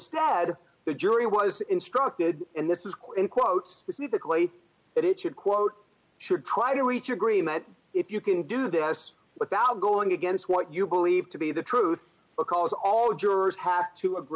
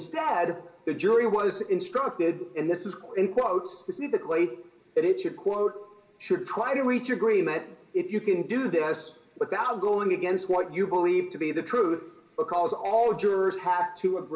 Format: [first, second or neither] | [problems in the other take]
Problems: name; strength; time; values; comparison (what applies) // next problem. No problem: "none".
first | room echo; dies away in 0.6 s